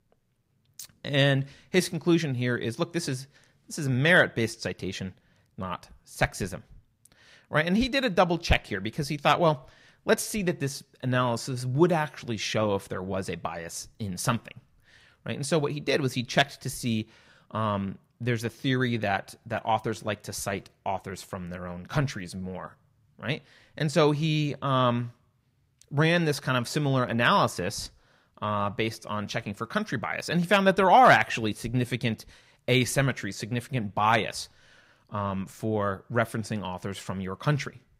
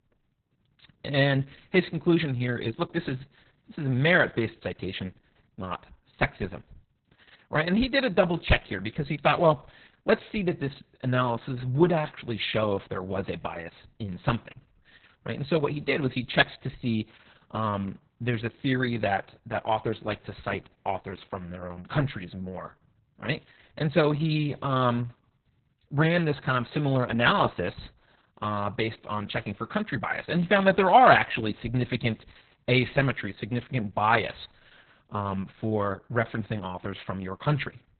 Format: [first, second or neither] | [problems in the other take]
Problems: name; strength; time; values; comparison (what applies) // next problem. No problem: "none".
first | garbled, watery; badly; nothing above 4 kHz